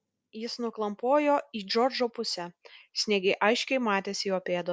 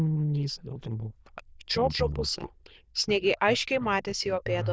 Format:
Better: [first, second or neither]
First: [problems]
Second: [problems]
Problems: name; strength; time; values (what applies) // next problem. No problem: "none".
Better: first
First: none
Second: noise reduction (neural diffusion model UNIVERSE++)